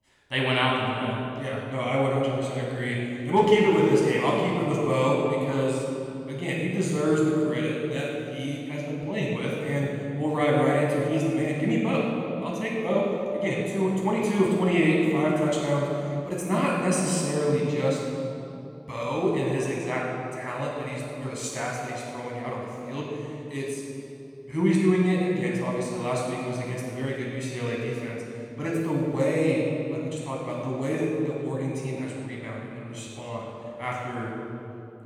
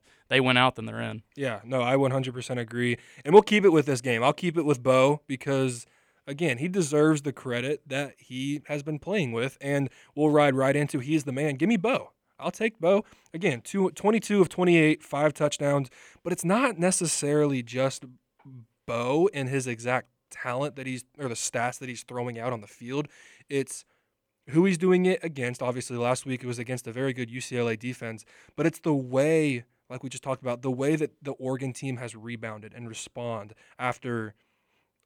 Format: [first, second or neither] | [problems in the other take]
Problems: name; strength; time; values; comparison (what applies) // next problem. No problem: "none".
second | off-mic speech; far // room echo; strong; dies away in 2.5 s